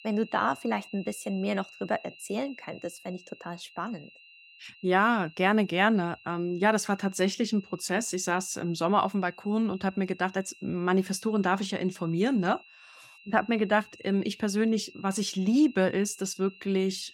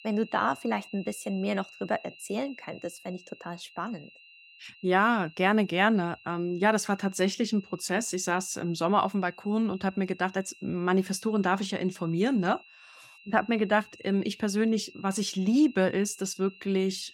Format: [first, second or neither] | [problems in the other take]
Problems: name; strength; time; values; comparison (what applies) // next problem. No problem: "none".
neither | high-pitched whine; faint; throughout; 3 kHz, 20 dB below the speech; the same in both